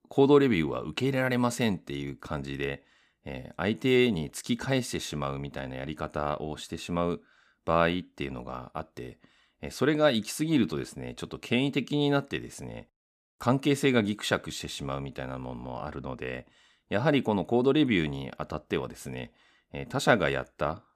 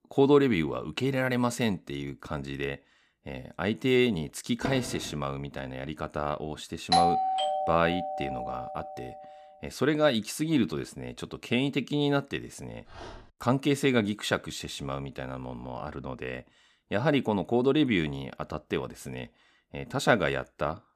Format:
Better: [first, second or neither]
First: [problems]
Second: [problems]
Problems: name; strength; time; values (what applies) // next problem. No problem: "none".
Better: first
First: none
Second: door banging; noticeable; at 4.5 s; peak 6 dB below the speech // doorbell; loud; from 7 to 8.5 s; peak 5 dB above the speech // dog barking; faint; at 13 s; peak 15 dB below the speech